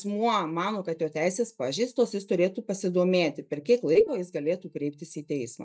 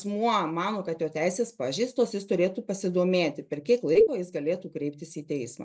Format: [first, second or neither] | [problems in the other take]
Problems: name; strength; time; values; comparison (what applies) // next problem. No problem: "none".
second | noise reduction (neural mask model DeepFilterNet 3)